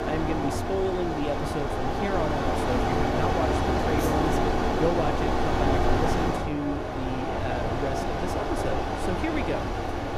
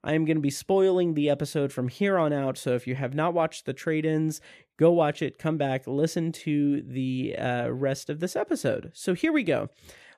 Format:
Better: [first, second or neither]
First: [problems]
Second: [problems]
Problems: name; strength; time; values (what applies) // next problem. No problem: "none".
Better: second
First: machinery noise; very loud; throughout; 5 dB above the speech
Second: none